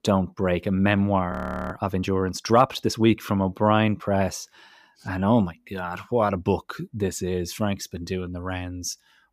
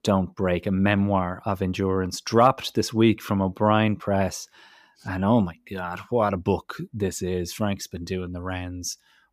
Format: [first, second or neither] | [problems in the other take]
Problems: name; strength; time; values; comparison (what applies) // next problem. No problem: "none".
second | audio freezing; at 1.5 s